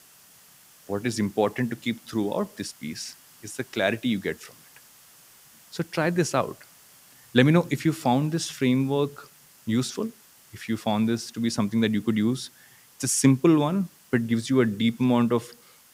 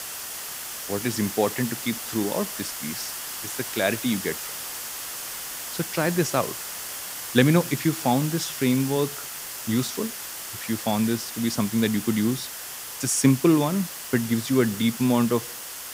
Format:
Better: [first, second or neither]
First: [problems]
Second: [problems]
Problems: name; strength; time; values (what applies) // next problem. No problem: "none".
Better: first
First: hiss; faint; throughout; 25 dB below the speech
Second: hiss; loud; throughout; 7 dB below the speech